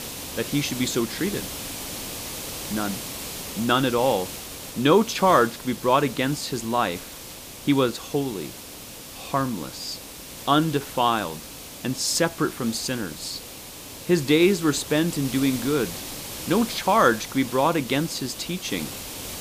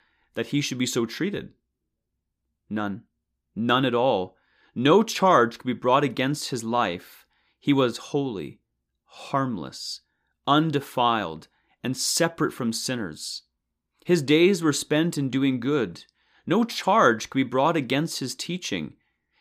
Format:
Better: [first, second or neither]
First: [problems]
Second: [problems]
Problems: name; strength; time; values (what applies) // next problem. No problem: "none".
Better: second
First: hiss; noticeable; throughout; 10 dB below the speech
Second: none